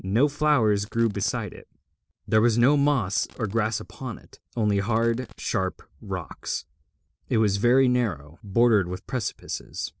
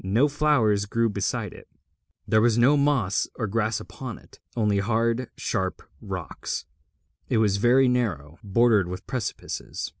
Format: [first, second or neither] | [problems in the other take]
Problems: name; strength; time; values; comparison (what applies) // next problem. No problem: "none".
second | noise reduction (neural separator model SepFormer DNS4)